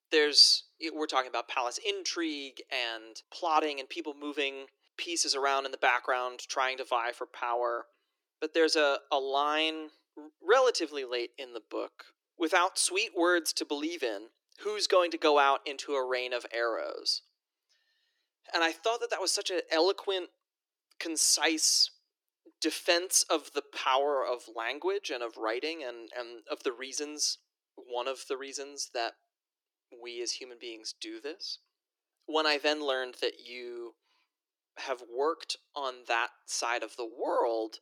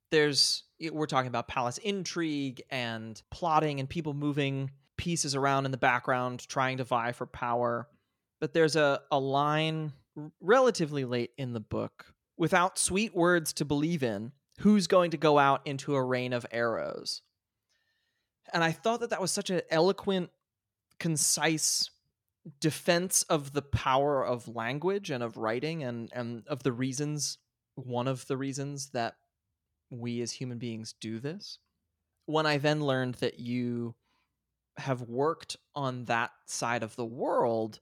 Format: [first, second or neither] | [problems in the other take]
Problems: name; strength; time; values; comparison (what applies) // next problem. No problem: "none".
second | thin; very; fading below 300 Hz